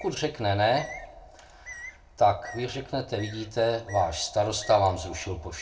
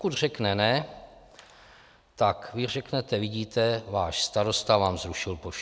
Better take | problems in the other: second | background sound (Bird); 20 dB below the speech // room echo; dies away in 0.2 s

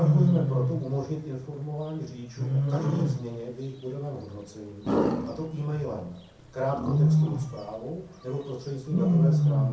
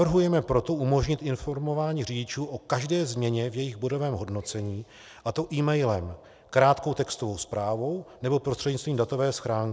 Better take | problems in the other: second | background sound (Wild animals); 4 dB above the speech // room echo; dies away in 0.6 s

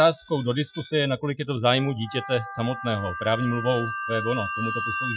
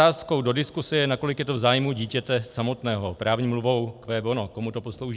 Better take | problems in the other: second | noise reduction (classical method Wiener filter)

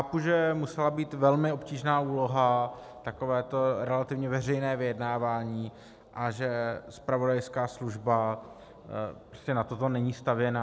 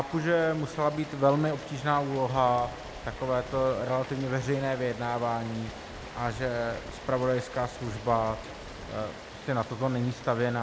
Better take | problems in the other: first | background sound (Rain + Wind); 13 dB below the speech

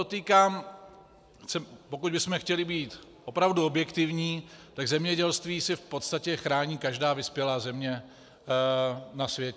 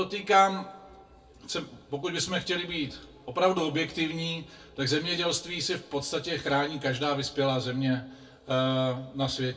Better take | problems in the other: first | room echo; dies away in 0.2 s

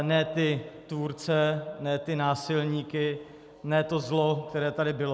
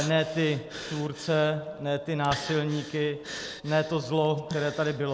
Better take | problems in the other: first | background sound (Breathing); 14 dB below the speech

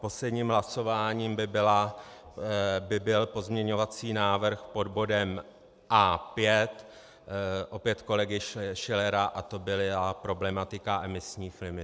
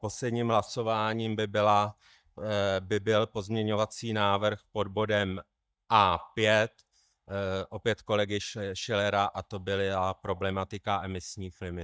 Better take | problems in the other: first | noise reduction (neural mask model DeepFilterNet 3)

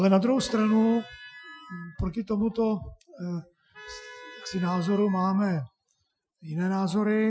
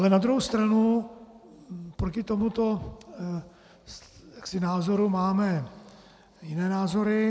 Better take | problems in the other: second | noise reduction (classical method Wiener filter)

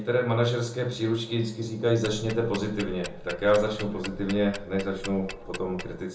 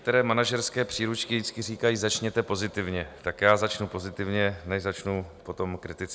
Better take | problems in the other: second | background sound (Tick-tock); 12 dB below the speech // room echo; dies away in 0.9 s

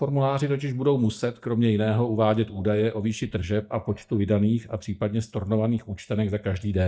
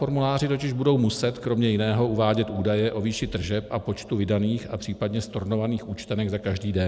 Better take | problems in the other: second | noise reduction (neural mask model DeepFilterNet 3)

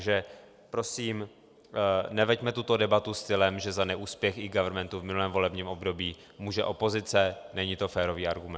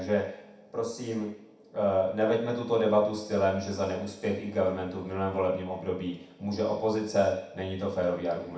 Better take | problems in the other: first | room echo; dies away in 0.7 s

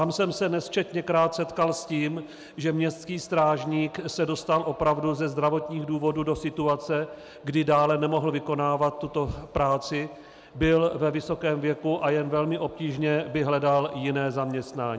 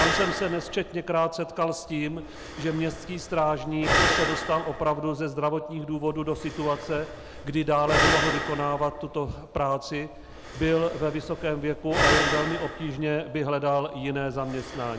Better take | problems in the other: first | background sound (Breathing); 3 dB below the speech

